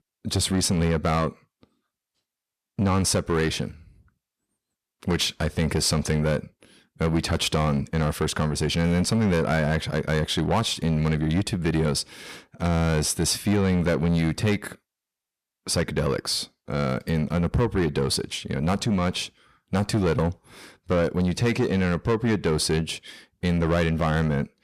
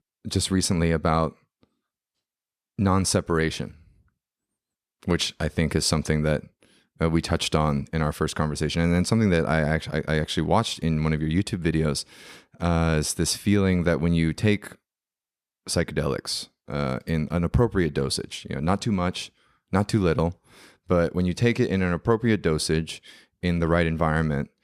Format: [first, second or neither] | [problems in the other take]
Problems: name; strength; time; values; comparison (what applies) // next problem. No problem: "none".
second | distortion; slight; 10 dB below the speech